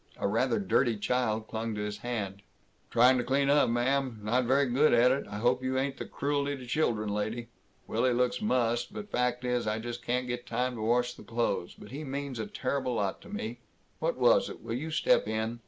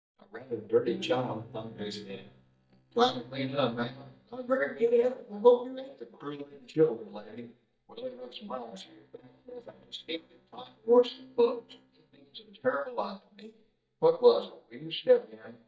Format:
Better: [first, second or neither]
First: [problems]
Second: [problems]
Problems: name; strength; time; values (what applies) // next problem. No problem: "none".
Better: first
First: none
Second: noise reduction (neural mask model DeepFilterNet 3)